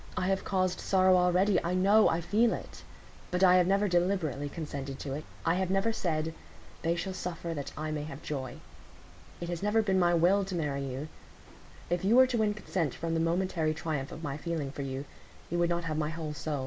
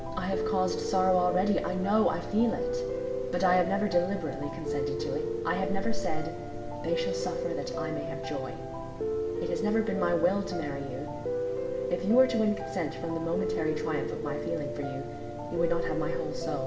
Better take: first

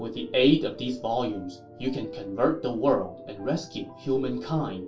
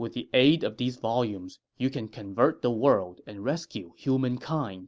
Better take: second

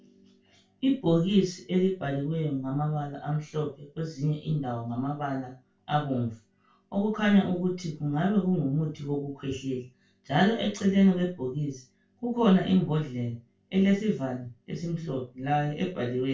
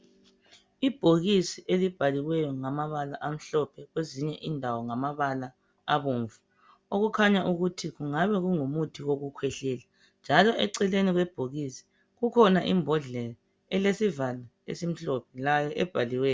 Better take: second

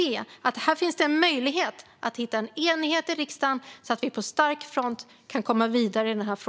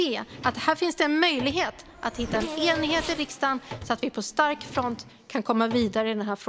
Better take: first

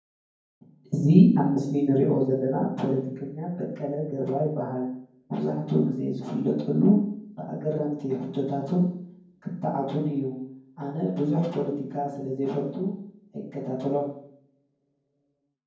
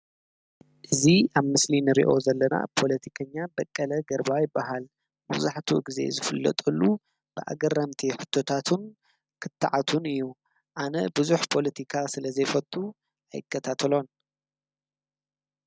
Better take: second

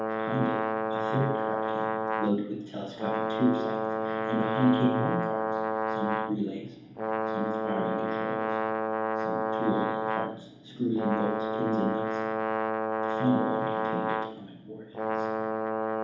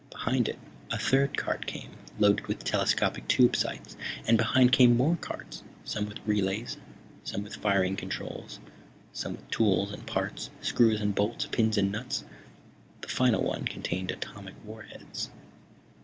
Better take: second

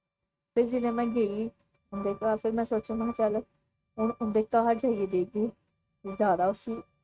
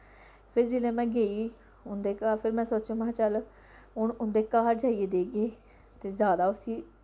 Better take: second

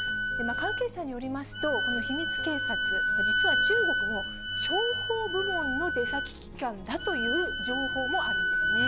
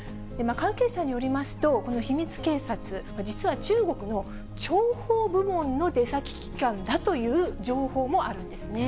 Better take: second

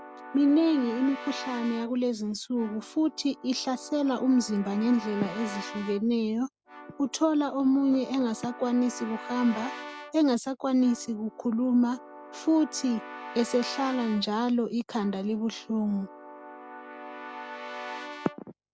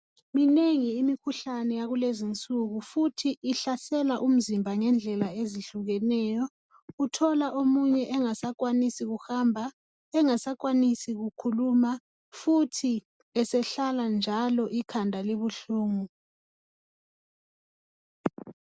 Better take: second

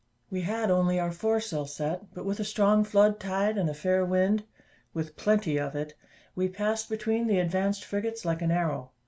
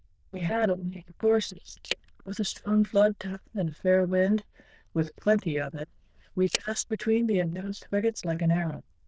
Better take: first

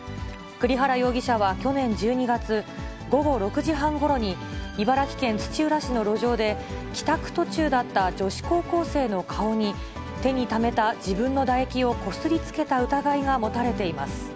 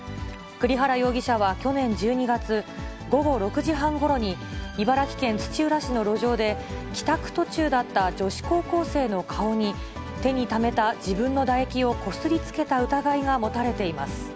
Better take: second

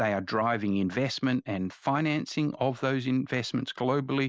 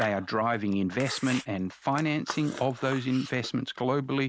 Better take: first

